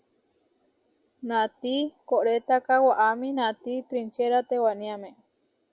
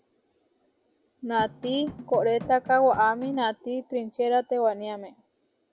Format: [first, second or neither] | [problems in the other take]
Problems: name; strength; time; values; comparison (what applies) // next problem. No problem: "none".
first | background sound (Drum); 15 dB below the speech